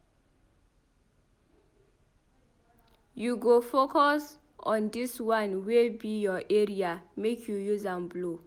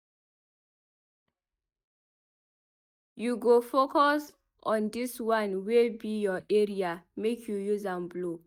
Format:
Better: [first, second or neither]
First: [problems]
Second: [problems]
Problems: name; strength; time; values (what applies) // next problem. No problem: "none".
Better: first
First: none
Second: noise reduction (neural mask model DeepFilterNet 3)